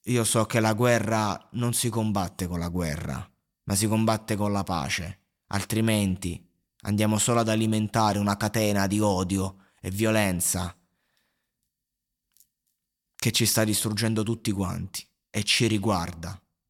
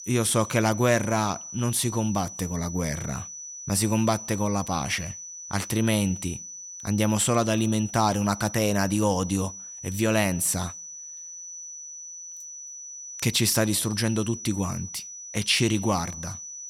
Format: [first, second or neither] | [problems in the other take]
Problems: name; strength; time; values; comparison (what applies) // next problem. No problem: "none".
first | high-pitched whine; noticeable; throughout; 6 kHz, 10 dB below the speech